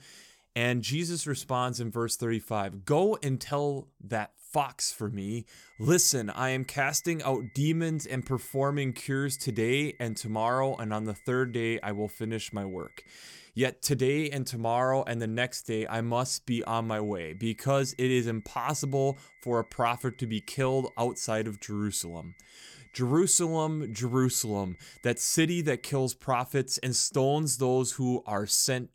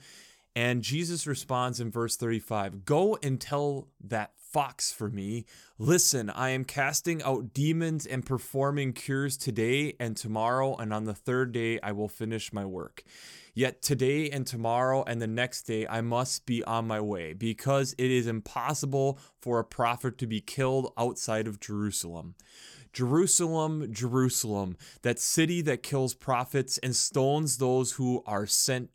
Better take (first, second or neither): second